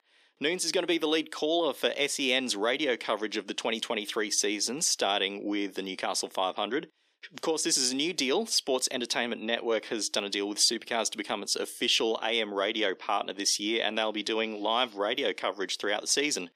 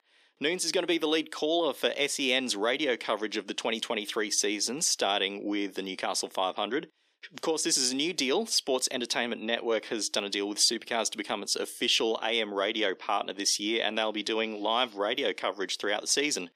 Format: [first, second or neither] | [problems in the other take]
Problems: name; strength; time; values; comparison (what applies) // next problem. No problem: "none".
neither | thin; somewhat; fading below 300 Hz; the same in both